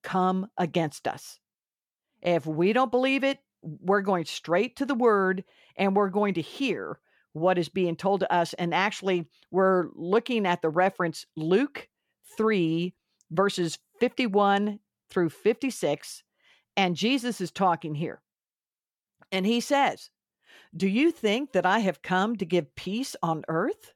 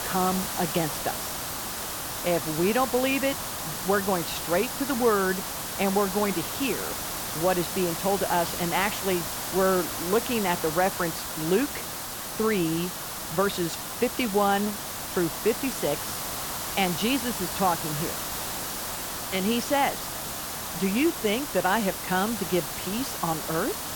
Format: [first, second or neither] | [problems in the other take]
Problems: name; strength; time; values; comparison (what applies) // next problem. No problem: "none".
first | hiss; loud; throughout; 3 dB below the speech